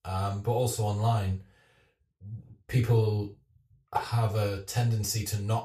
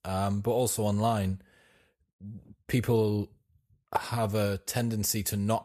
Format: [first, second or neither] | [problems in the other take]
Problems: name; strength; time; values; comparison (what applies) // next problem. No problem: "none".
second | room echo; slight; dies away in 0.3 s // off-mic speech; far